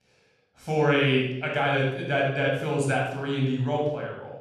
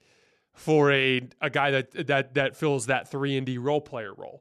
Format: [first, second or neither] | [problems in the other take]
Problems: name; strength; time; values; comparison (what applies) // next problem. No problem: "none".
second | off-mic speech; far // room echo; noticeable; dies away in 0.7 s